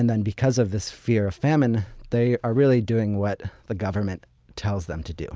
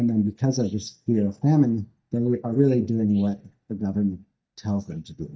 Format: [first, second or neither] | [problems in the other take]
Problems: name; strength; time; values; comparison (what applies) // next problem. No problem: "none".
first | noise reduction (neural mask model DeepFilterNet 3)